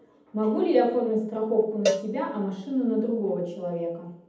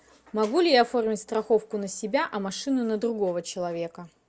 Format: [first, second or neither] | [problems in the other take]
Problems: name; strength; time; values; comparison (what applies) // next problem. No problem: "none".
second | background sound (Cowbell); 7 dB below the speech // room echo; dies away in 0.8 s